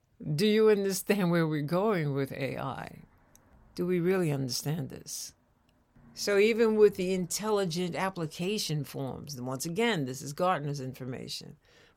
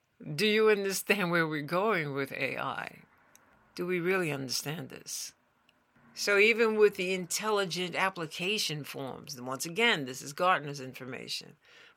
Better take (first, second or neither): first